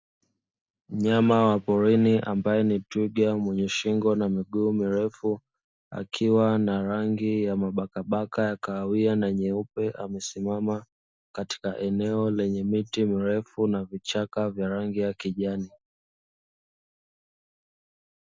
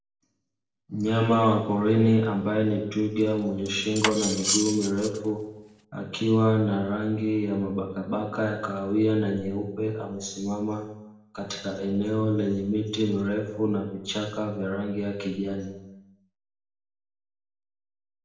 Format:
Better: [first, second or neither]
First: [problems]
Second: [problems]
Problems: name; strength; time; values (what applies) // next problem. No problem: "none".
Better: first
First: none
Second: background sound (Cutlery, silverware); 5 dB below the speech // room echo; dies away in 0.8 s